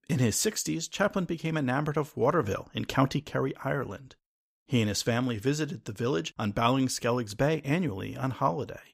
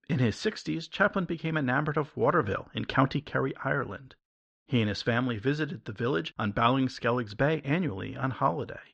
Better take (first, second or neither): first